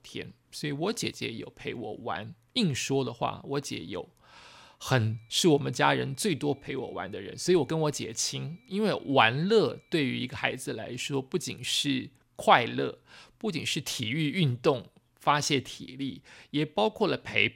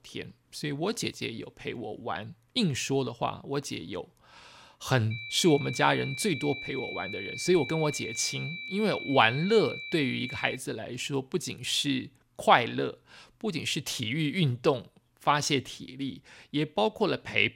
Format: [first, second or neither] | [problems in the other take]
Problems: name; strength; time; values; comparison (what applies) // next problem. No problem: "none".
first | high-pitched whine; loud; from 5 to 11 s; 2.5 kHz, 8 dB below the speech; faint in the first